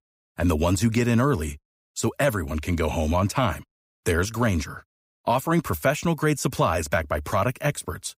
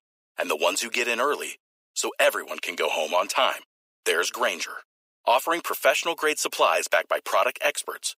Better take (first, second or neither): first